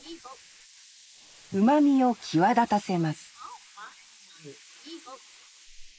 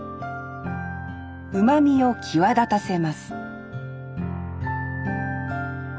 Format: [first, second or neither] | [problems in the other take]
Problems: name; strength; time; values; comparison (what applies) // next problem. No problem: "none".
second | noise reduction (neural mask model Resemble Enhance denoiser)